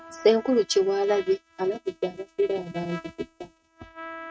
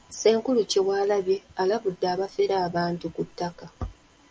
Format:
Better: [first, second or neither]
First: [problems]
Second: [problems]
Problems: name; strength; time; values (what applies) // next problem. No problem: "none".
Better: second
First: noise reduction (neural mask model RNNoise)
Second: none